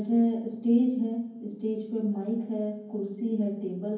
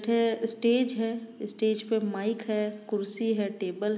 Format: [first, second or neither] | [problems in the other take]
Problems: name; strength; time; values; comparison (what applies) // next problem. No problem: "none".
second | room echo; dies away in 0.9 s